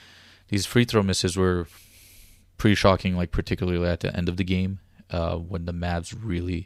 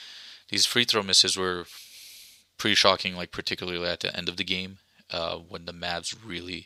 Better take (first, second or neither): first